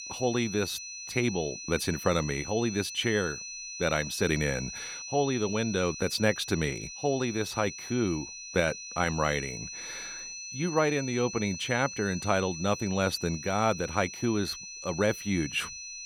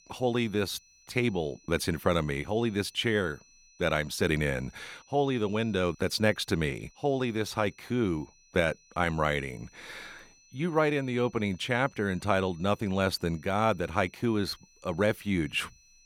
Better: second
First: high-pitched whine; loud; throughout; 6 kHz, 9 dB below the speech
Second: high-pitched whine; faint; throughout; 6 kHz, 30 dB below the speech

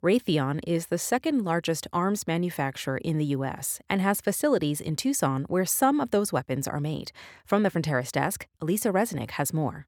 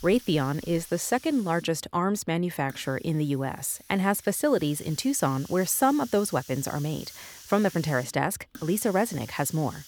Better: first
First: none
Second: hiss; noticeable; throughout; 20 dB below the speech

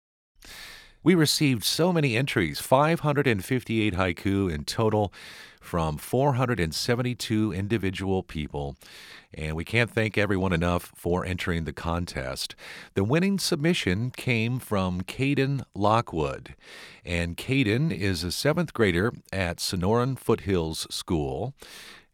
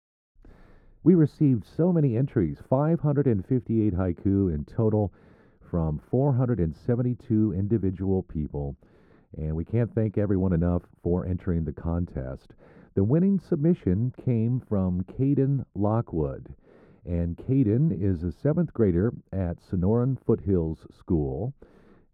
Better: first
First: none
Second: muffled; very; fading above 1 kHz

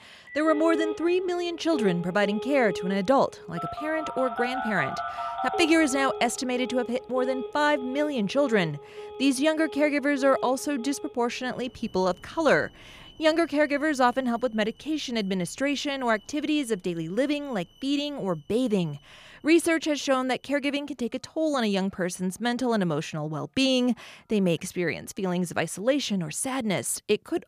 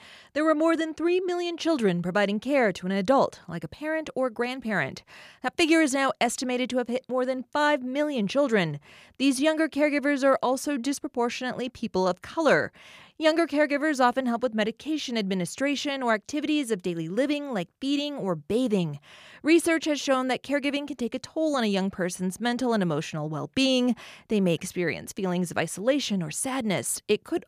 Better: second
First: alarms or sirens; loud; throughout; 9 dB below the speech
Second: none

